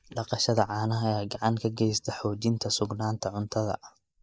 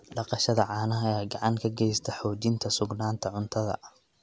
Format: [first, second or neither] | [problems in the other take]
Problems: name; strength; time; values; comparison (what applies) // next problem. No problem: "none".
second | noise reduction (neural mask model Resemble Enhance denoiser)